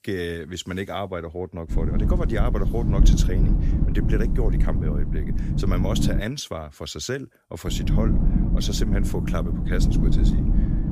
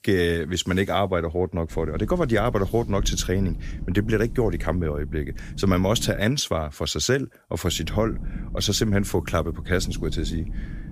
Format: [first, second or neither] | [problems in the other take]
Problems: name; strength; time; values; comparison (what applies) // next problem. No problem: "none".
second | low rumble; loud; from 1.5 to 6 s and from 7.5 s on; 3 dB below the speech; faint in the second